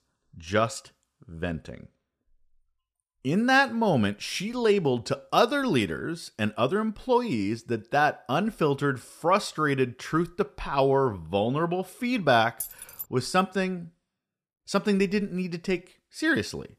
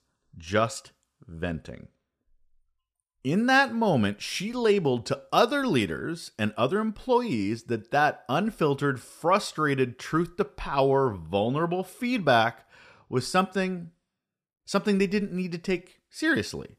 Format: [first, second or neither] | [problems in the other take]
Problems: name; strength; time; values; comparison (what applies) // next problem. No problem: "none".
second | jangling keys; noticeable; at 13 s; peak 9 dB below the speech